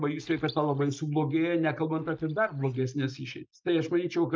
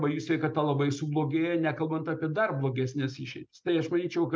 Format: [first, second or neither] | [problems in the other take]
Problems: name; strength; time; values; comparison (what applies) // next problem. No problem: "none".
second | noise reduction (neural mask model DeepFilterNet 3)